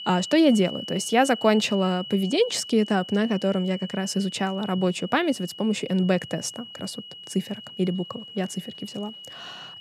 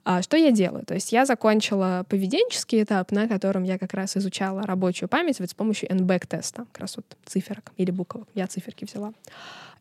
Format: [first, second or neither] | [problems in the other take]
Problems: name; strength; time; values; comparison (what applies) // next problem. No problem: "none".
second | high-pitched whine; noticeable; throughout; 3 kHz, 15 dB below the speech